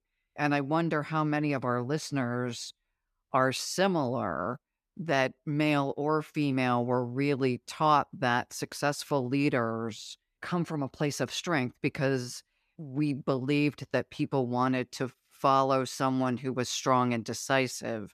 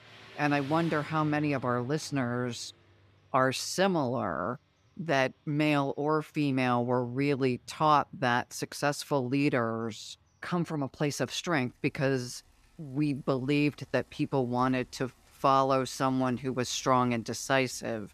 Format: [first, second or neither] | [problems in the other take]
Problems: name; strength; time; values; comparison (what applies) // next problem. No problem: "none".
first | traffic noise; faint; throughout; 25 dB below the speech